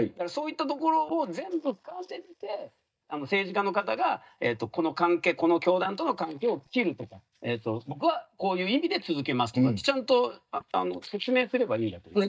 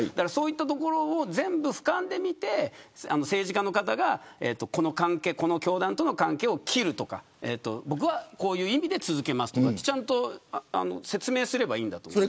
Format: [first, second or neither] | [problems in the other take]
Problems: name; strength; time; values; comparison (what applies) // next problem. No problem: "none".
second | noise reduction (neural mask model DeepFilterNet 3)